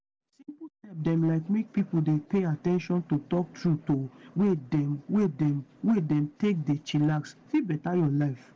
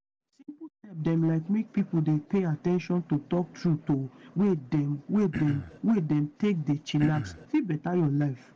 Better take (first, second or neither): first